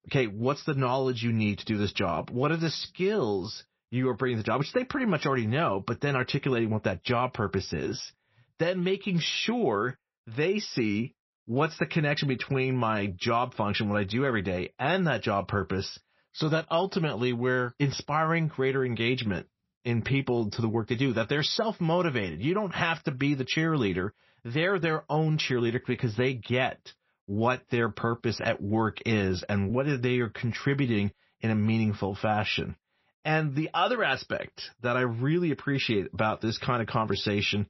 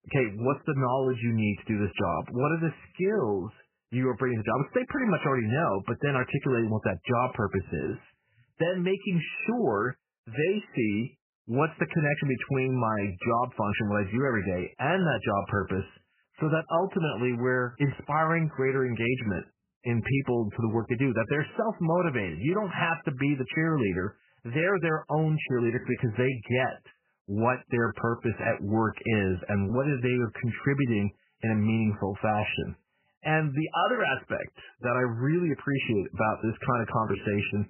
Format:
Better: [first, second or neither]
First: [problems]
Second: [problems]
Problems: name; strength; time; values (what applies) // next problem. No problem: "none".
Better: first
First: garbled, watery; slightly; nothing above 6 kHz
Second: garbled, watery; badly; nothing above 3 kHz